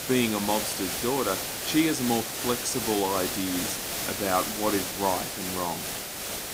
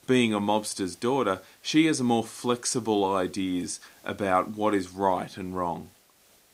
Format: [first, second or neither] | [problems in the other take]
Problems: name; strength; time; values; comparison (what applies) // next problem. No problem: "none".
second | hiss; loud; throughout; 1 dB below the speech; faint in the second